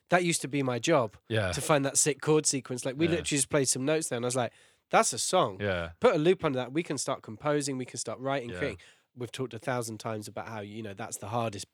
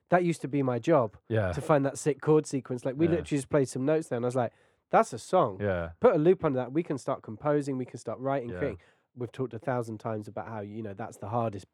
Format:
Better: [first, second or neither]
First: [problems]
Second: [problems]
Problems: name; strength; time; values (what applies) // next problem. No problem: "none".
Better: first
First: none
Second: muffled; very; fading above 2 kHz